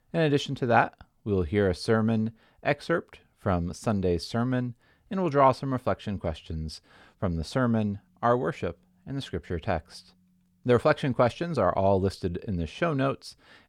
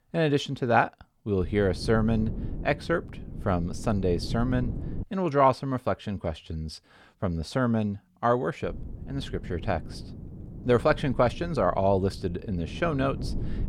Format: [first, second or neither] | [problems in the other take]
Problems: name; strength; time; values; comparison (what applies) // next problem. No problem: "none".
first | wind noise on the microphone; occasional gusts; from 1.5 to 5 s and from 8.5 s on; 20 dB below the speech